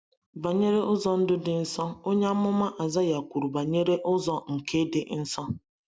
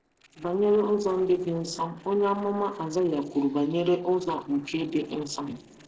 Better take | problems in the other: first | noise reduction (neural separator model SepFormer DNS4)

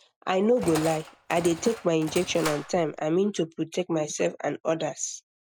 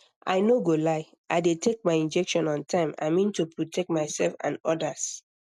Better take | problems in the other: second | background sound (Engine); 11 dB below the speech

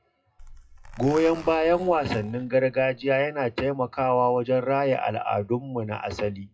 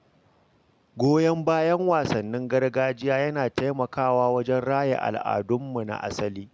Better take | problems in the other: second | noise reduction (classical method WPE with log-MMSE)

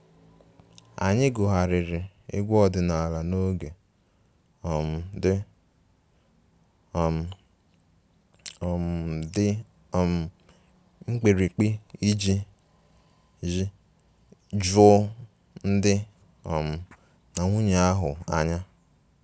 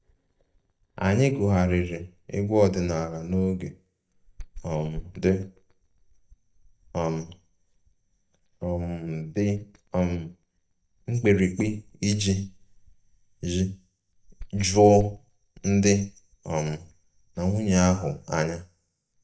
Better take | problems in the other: first | noise reduction (neural mask model DeepFilterNet 3)

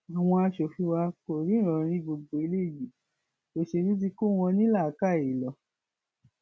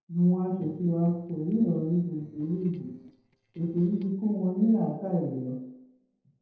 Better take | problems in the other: first | noise reduction (neural separator model SepFormer DNS4)

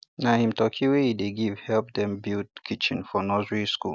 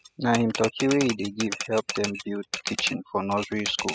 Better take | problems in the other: first | noise reduction (classical method spectral subtraction)

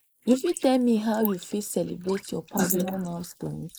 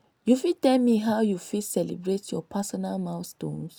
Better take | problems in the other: second | noise reduction (neural mask model Resemble Enhance denoiser)

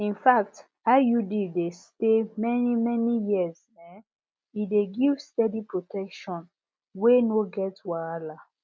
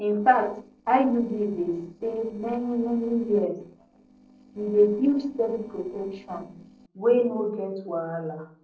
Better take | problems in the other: first | noise reduction (neural separator model SepFormer DNS4)

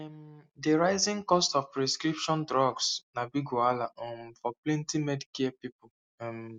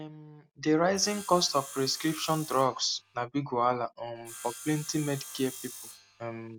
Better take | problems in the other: first | background sound (Sawing); 15 dB below the speech

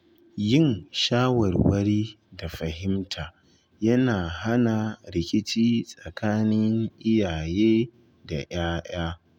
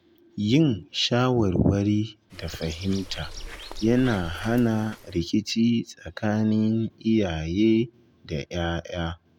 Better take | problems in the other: first | background sound (Bird); 14 dB below the speech

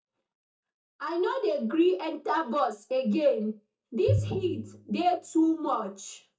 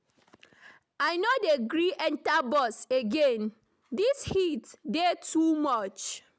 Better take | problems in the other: second | noise reduction (neural mask model DeepFilterNet 3)

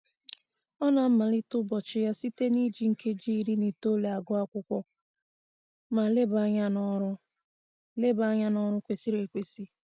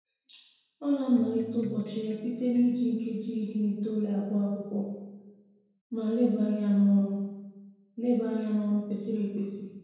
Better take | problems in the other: first | background sound (Electric guitar); 19 dB below the speech // room echo; dies away in 1 s

